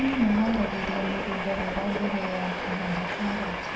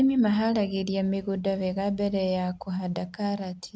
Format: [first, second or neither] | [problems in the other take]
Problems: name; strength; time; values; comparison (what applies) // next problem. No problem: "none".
second | background sound (Train); 3 dB below the speech // room echo; dies away in 0.5 s